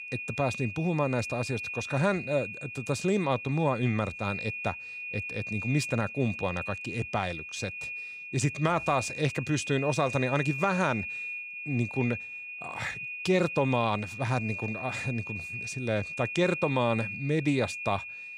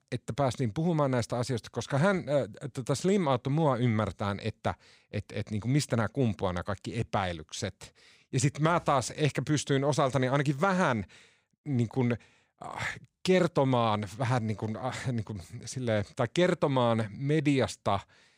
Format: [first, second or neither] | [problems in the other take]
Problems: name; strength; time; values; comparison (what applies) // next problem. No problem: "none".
second | high-pitched whine; loud; throughout; 2.5 kHz, 6 dB below the speech